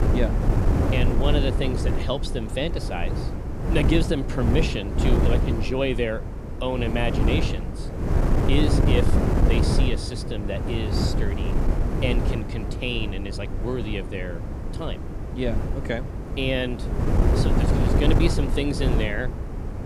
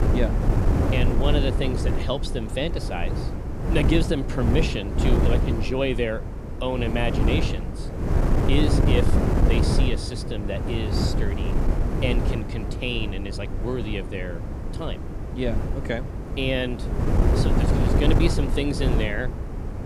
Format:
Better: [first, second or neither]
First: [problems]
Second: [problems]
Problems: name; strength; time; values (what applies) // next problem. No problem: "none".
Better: neither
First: wind noise on the microphone; heavy; 3 dB below the speech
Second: wind noise on the microphone; heavy; 3 dB below the speech